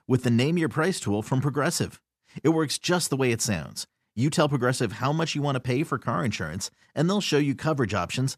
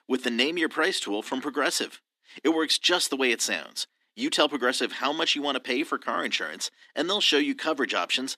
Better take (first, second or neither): first